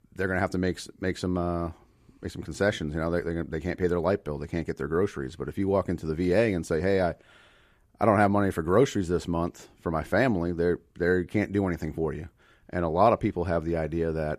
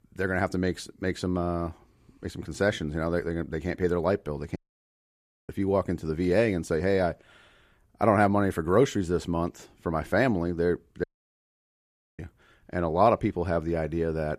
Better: first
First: none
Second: audio cutting out; at 4.5 s for 1 s and at 11 s for 1 s

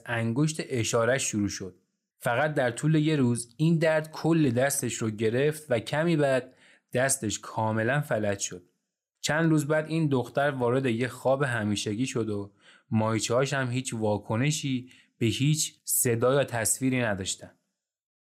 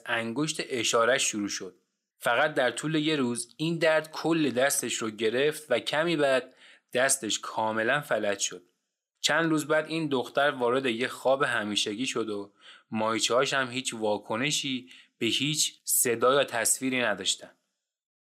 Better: first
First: none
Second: thin; somewhat; fading below 300 Hz

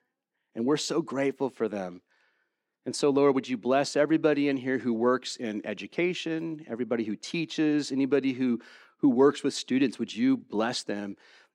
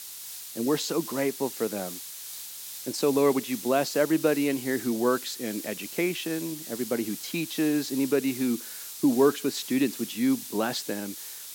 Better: first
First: none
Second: hiss; loud; throughout; 10 dB below the speech

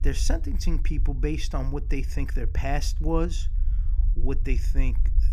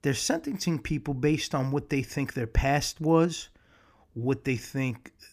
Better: second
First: low rumble; noticeable; throughout; 15 dB below the speech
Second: none

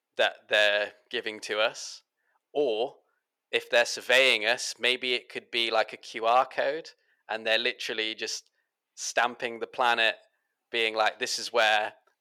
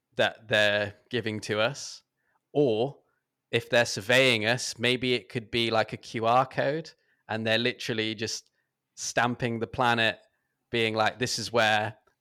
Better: second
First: thin; somewhat; fading below 500 Hz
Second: none

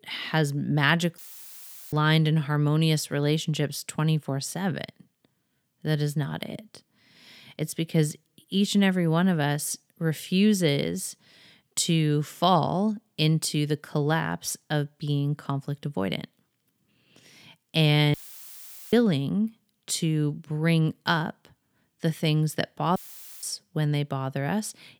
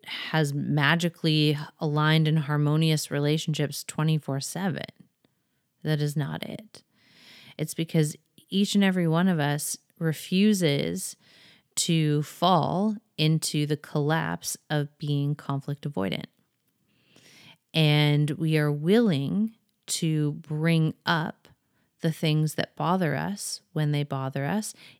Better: second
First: audio cutting out; filled with static; at 1 s for 0.5 s, at 18 s for 1 s and at 23 s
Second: none

